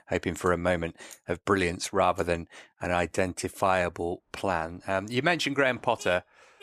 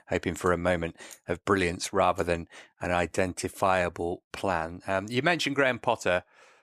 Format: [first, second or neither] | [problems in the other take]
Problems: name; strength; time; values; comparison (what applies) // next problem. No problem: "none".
second | traffic noise; faint; from 4.5 s on; 20 dB below the speech